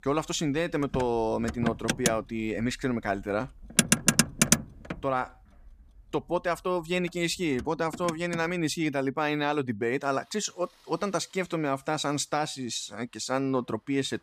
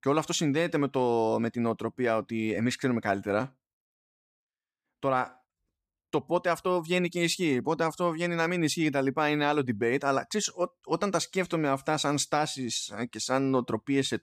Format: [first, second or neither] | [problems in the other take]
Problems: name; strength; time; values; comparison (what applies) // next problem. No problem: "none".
second | traffic noise; very loud; throughout; 2 dB above the speech